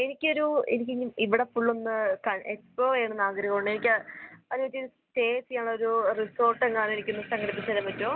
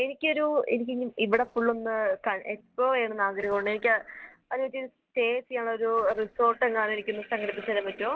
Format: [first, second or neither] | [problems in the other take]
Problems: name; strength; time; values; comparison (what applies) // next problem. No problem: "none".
first | noise reduction (neural separator model SepFormer DNS4)